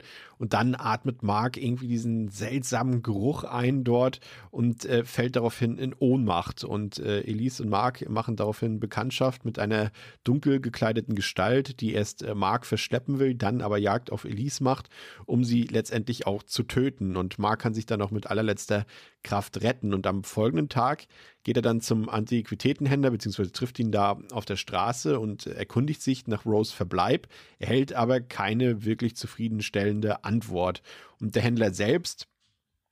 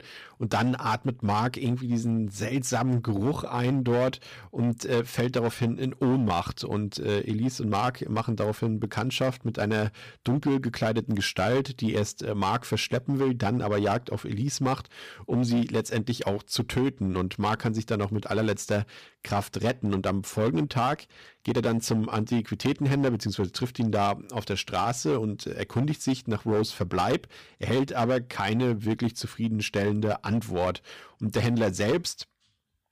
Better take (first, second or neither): first